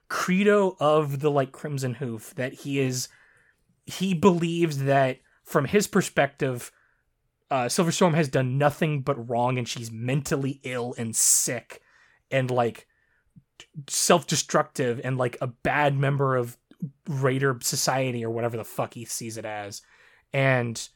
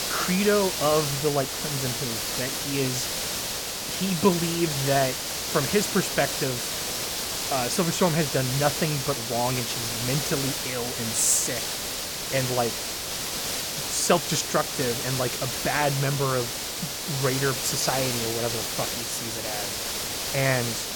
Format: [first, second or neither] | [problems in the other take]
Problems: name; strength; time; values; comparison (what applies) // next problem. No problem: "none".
first | hiss; loud; throughout; 1 dB below the speech